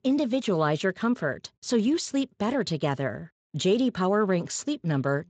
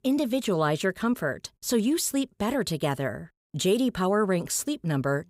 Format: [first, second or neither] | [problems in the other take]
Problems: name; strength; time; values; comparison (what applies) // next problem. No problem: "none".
second | garbled, watery; slightly; nothing above 7.5 kHz